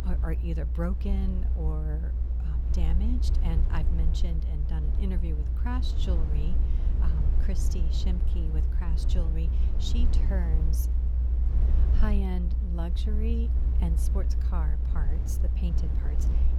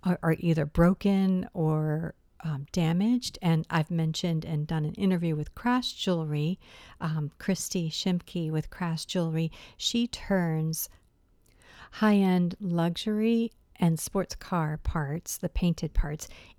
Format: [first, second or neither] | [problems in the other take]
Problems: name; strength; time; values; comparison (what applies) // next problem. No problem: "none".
second | low rumble; loud; throughout; 4 dB below the speech